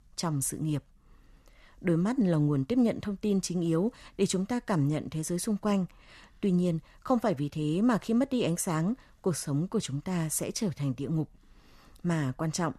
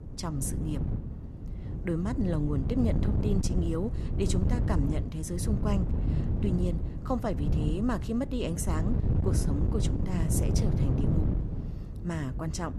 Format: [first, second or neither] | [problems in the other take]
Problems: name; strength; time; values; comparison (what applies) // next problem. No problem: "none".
first | wind noise on the microphone; heavy; 4 dB below the speech